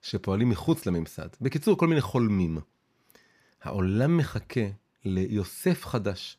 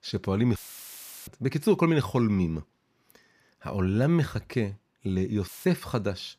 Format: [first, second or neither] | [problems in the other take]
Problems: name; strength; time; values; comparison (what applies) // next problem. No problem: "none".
first | audio cutting out; filled with static; at 0.5 s for 0.5 s and at 5.5 s